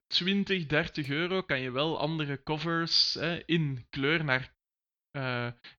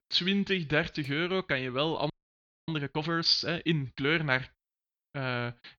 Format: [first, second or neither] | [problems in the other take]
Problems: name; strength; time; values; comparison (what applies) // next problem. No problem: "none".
first | audio freezing; at 2 s for 0.5 s